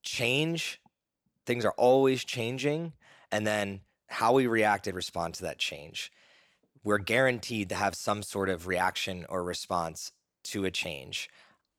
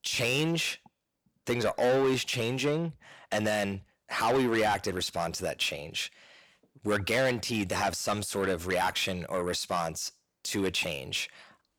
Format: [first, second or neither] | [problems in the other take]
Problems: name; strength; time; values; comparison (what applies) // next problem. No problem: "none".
first | distortion; heavy; 7 dB below the speech